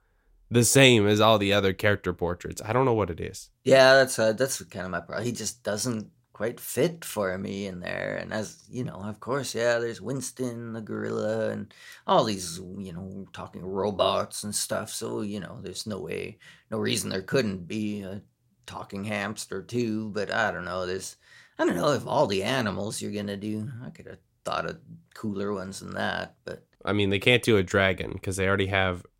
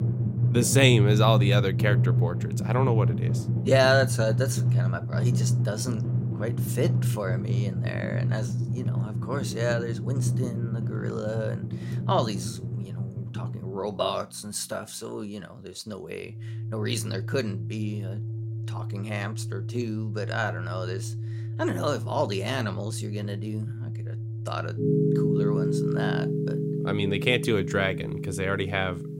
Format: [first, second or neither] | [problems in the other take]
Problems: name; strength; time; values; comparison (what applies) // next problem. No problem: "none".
first | background music; very loud; throughout; 1 dB above the speech